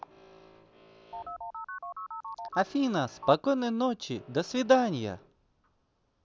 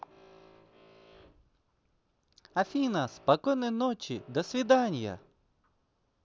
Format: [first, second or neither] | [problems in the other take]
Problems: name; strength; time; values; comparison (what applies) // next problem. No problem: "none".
second | background sound (Telephone); 10 dB below the speech